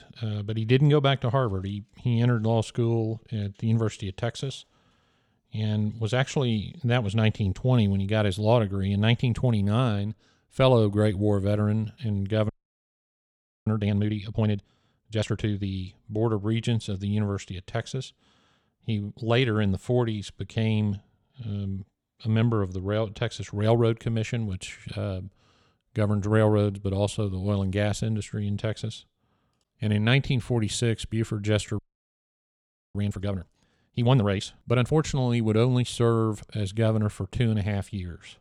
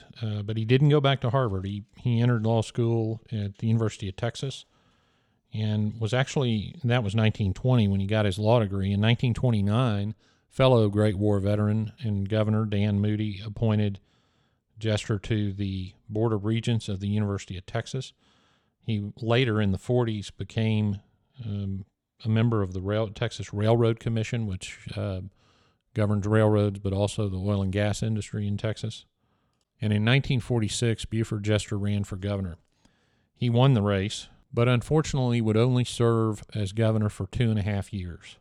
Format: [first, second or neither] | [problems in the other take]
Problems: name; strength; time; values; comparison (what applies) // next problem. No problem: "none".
second | audio freezing; at 12 s for 1 s and at 32 s for 1 s